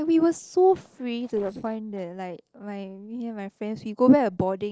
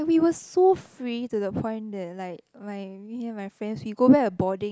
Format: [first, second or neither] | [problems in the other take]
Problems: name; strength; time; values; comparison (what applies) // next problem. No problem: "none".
second | noise reduction (neural separator model SepFormer DNS4)